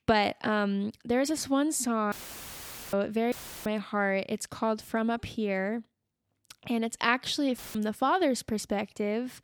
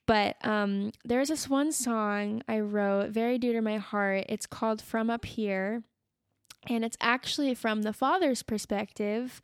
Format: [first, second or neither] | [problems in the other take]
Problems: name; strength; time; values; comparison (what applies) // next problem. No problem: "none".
second | audio cutting out; filled with static; at 2 s for 1 s, at 3.5 s and at 7.5 s